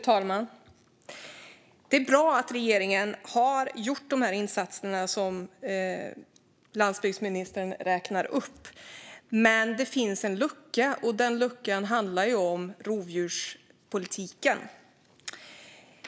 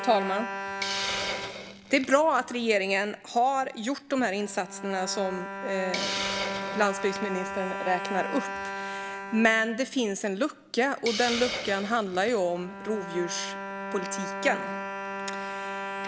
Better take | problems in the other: first | background sound (Hiss + Bowed string instrument); 6 dB below the speech

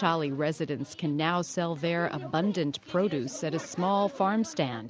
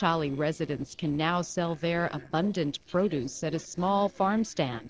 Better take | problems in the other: first | noise reduction (neural separator model SepFormer DNS4)

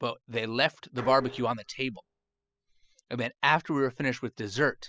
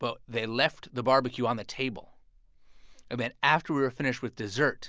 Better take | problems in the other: second | noise reduction (classical method spectral subtraction)

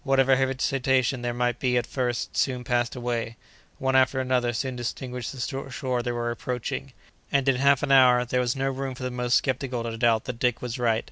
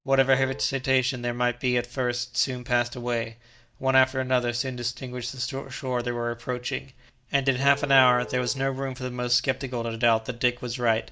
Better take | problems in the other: first | noise reduction (neural mask model DeepFilterNet 3)

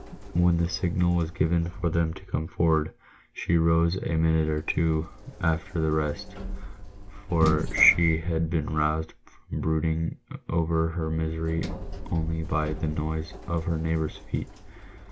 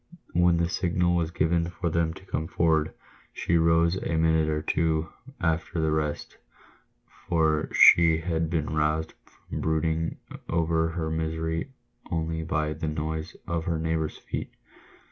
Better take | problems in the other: second | background sound (Sliding door); 12 dB below the speech

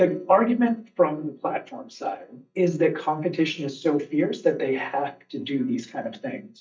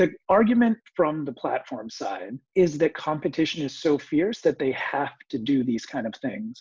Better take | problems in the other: second | noise reduction (neural mask model DeepFilterNet 3)

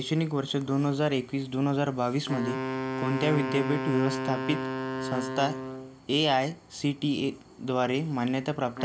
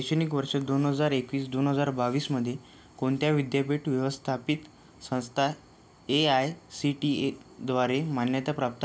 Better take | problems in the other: second | background sound (Wind instrument, woodwind instrument); 7 dB below the speech

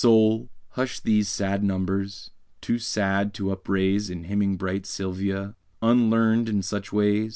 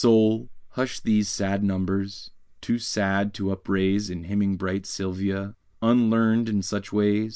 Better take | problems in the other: first | noise reduction (neural mask model Resemble Enhance denoiser)

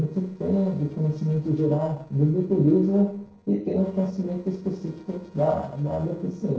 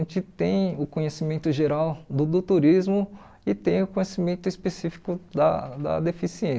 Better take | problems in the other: second | noise reduction (neural separator model SepFormer DNS4)

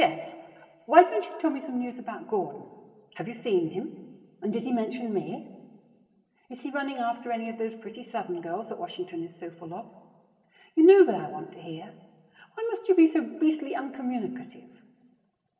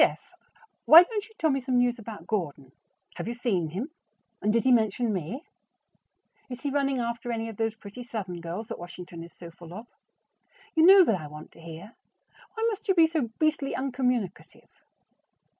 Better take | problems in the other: second | room echo; dies away in 1.6 s

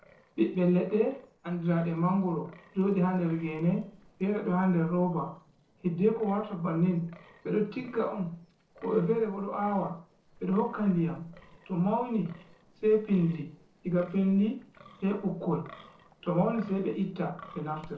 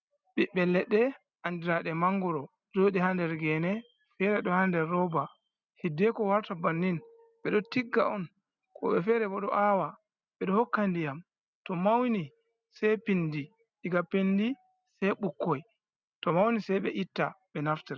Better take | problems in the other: second | noise reduction (neural separator model SepFormer DNS4)

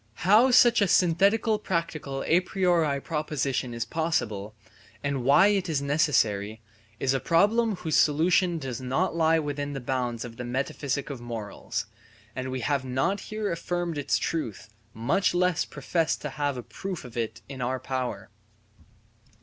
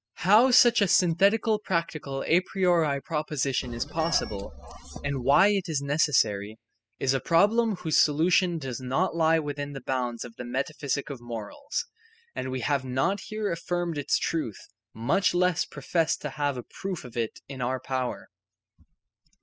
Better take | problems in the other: first | noise reduction (classical method spectral subtraction)

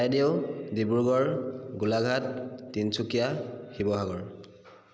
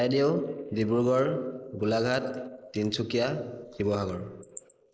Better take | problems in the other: first | noise reduction (neural mask model Resemble Enhance denoiser)

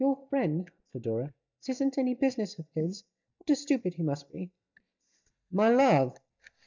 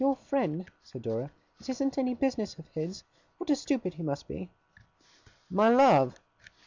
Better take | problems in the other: second | noise reduction (neural mask model DeepFilterNet 3)

